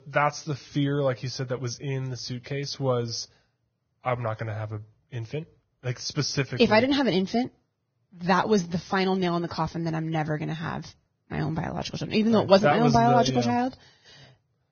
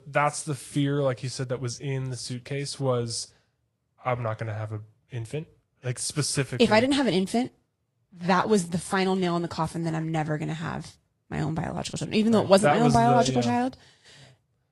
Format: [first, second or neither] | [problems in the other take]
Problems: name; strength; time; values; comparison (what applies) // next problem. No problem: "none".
second | garbled, watery; badly; nothing above 6.5 kHz; slightly in the second